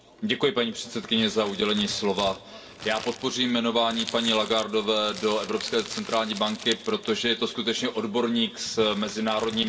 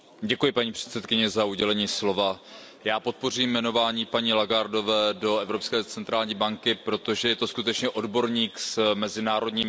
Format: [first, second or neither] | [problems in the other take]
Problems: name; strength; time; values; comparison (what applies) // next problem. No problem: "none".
second | background sound (Crumpling, crinkling); 16 dB below the speech // room echo; dies away in 1.5 s